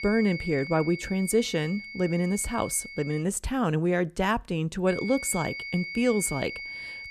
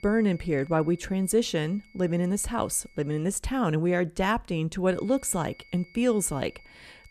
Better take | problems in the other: second | high-pitched whine; loud; until 3 s and from 5 s on; 2 kHz, 9 dB below the speech; faint in the second

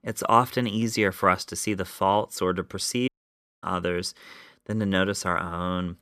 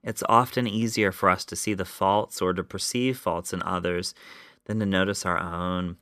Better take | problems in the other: second | audio cutting out; at 3 s for 0.5 s

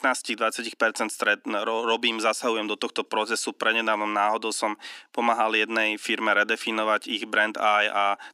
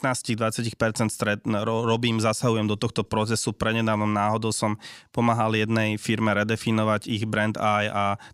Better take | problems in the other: second | thin; somewhat; fading below 250 Hz

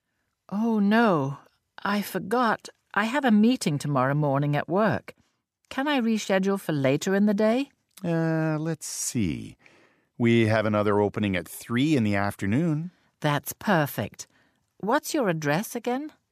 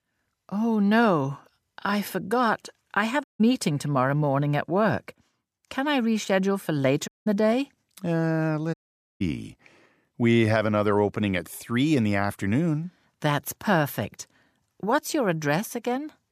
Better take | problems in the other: first | audio cutting out; at 3 s, at 7 s and at 8.5 s

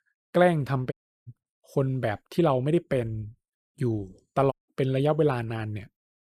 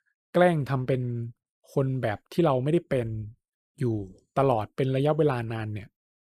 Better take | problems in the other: second | audio cutting out; at 1 s and at 4.5 s

